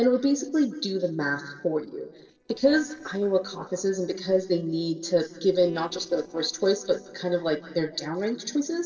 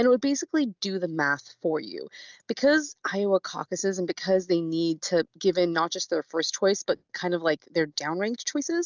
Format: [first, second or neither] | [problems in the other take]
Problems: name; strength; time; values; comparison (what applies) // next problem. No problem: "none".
second | noise reduction (neural separator model SepFormer DNS4)